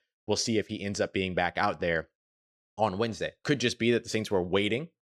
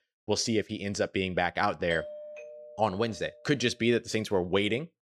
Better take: first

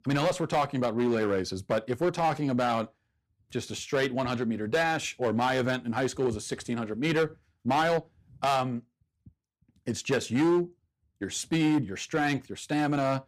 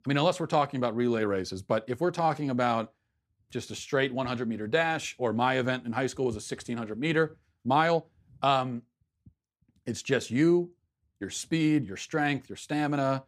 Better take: second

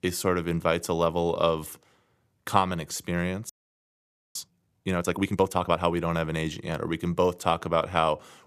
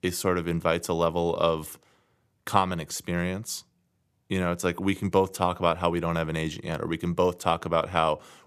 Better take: second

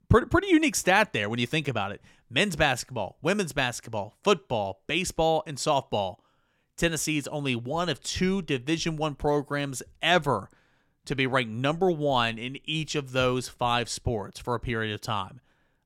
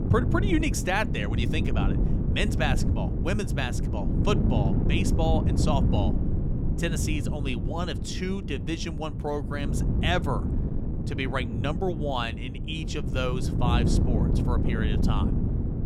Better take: first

